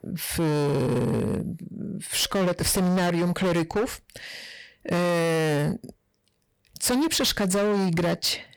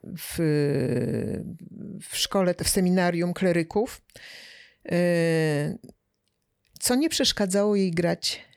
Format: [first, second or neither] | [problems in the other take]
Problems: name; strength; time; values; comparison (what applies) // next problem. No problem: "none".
second | distortion; heavy; 22% of the sound clipped